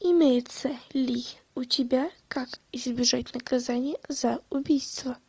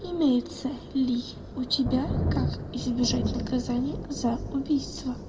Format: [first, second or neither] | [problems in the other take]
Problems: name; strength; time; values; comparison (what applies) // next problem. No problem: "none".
first | background sound (Thunder); 4 dB below the speech // room echo; dies away in 1.2 s